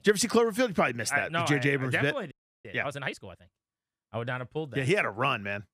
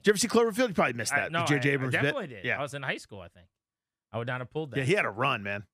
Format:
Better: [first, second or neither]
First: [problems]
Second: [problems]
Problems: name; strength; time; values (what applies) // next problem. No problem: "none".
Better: second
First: audio freezing; at 2.5 s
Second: none